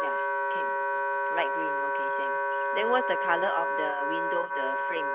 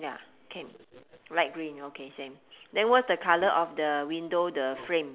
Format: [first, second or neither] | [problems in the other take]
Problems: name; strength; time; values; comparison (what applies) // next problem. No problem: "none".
second | noise reduction (neural mask model RNNoise)